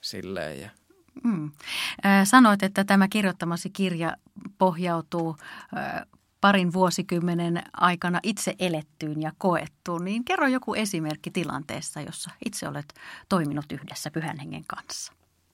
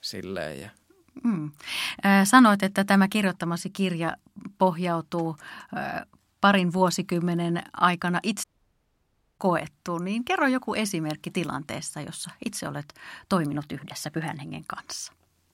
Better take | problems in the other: first | audio cutting out; at 8.5 s for 1 s

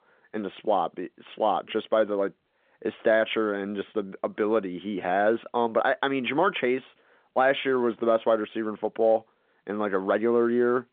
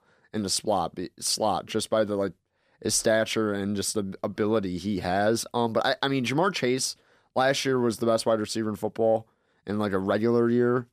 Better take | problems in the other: second | phone-call audio; nothing above 3.5 kHz

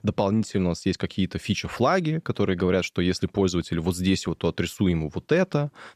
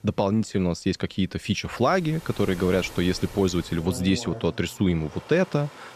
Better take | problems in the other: first | rain or running water; noticeable; throughout; 15 dB below the speech

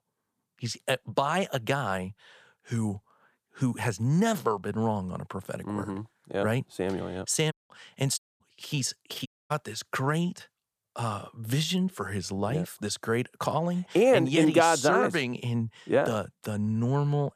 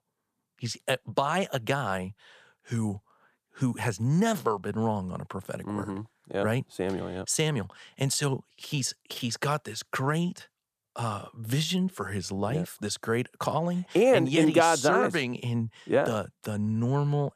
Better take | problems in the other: second | audio cutting out; at 7.5 s, at 8 s and at 9.5 s

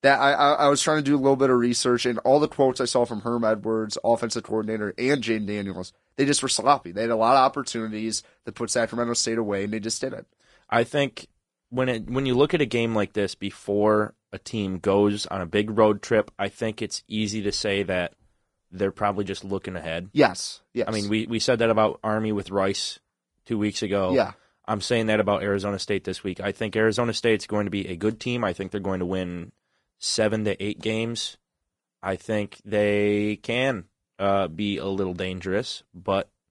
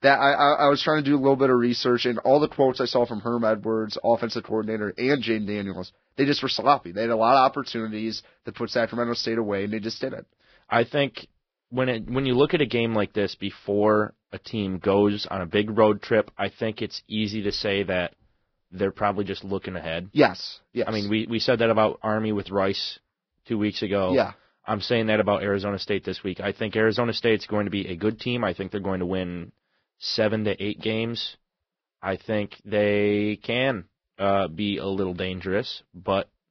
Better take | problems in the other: first | garbled, watery; badly; nothing above 5.5 kHz; slightly in the first

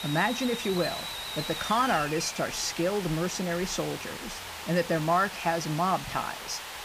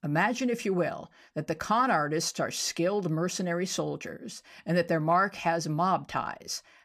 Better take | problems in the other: second | hiss; loud; throughout; 7 dB below the speech

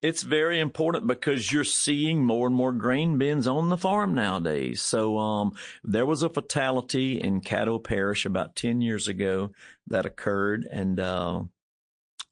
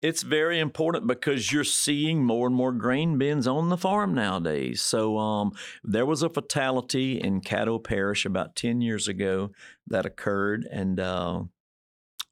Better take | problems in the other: second | garbled, watery; slightly; nothing above 9.5 kHz

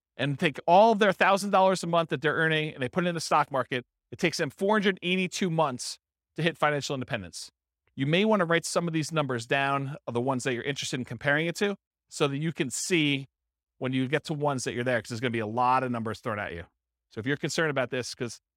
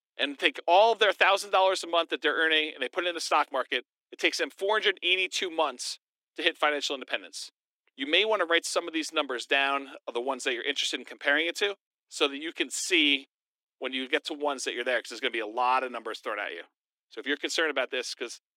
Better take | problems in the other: first | thin; somewhat; fading below 300 Hz

